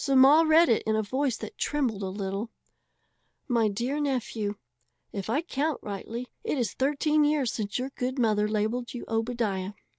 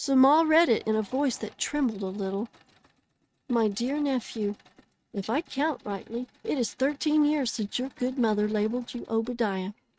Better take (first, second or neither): first